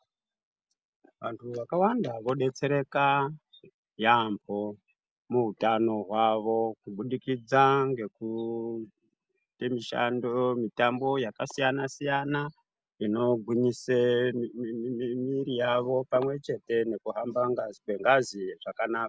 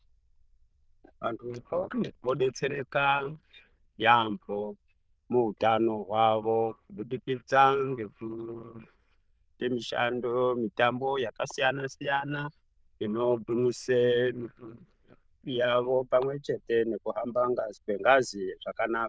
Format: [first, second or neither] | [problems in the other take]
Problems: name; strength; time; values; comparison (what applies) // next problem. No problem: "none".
first | noise reduction (neural diffusion model UNIVERSE++)